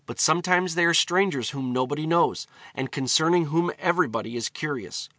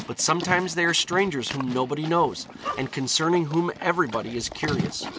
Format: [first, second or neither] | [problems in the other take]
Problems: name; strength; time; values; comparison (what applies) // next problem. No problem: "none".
first | background sound (Livestock, farm animals, working animals); 10 dB below the speech